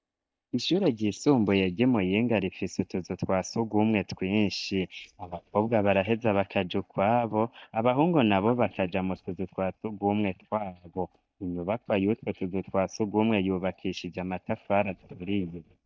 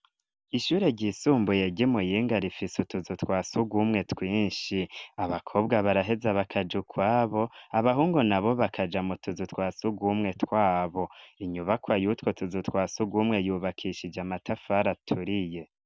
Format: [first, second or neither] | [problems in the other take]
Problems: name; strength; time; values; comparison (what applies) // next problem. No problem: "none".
second | noise reduction (neural mask model DeepFilterNet 3)